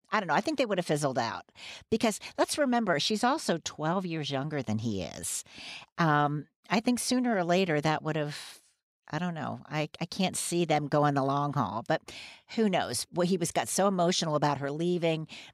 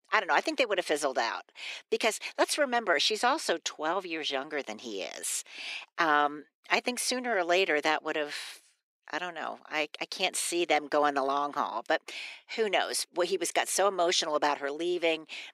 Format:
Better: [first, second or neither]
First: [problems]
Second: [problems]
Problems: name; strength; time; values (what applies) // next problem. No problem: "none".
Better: first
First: none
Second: thin; somewhat; fading below 350 Hz